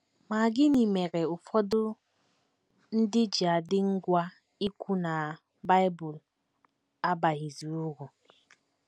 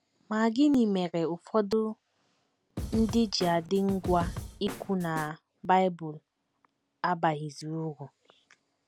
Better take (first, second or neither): first